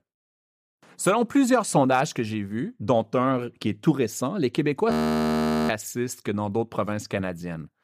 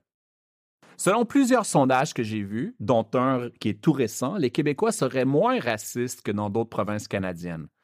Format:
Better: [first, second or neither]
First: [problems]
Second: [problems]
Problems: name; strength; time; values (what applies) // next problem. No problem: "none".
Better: second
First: audio freezing; at 5 s for 1 s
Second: none